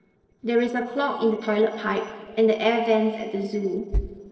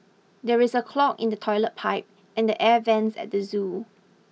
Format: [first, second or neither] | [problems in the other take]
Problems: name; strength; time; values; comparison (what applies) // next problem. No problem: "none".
second | noise reduction (neural separator model SepFormer DNS4)